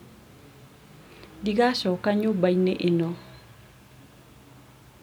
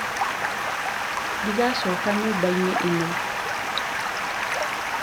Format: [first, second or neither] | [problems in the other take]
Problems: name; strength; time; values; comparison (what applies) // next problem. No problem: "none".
first | background sound (Stream); 2 dB above the speech